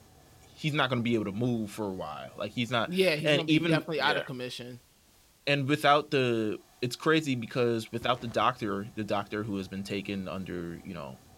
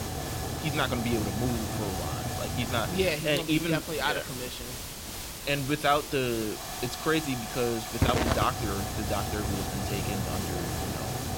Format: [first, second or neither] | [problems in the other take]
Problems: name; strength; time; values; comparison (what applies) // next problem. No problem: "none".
first | hiss; loud; throughout; 2 dB below the speech; faint in the first